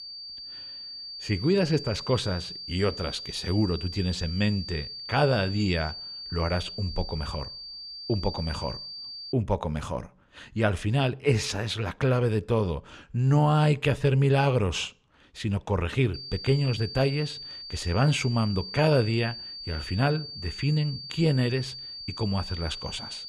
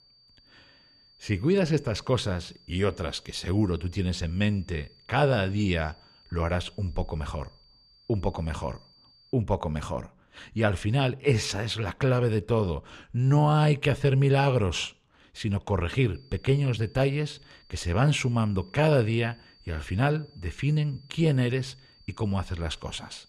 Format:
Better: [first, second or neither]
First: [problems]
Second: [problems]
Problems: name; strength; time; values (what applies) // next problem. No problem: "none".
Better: second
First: high-pitched whine; loud; until 9.5 s and from 16 s on; 4.5 kHz, 10 dB below the speech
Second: high-pitched whine; faint; until 9.5 s and from 16 s on; 4.5 kHz, 30 dB below the speech